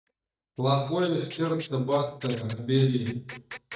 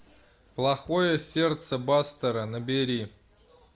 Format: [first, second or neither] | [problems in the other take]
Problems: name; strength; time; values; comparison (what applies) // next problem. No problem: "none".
second | noise reduction (neural mask model DeepFilterNet 3)